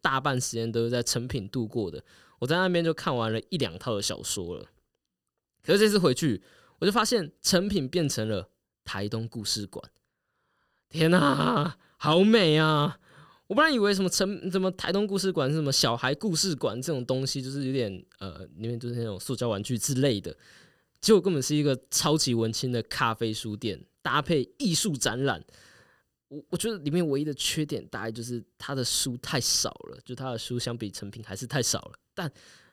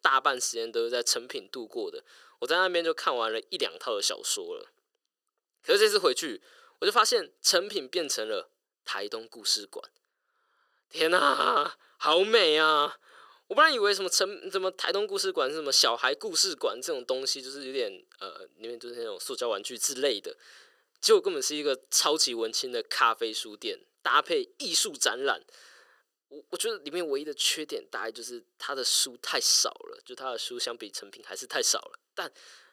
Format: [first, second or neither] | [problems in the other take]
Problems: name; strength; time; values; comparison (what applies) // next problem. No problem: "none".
first | thin; very; fading below 400 Hz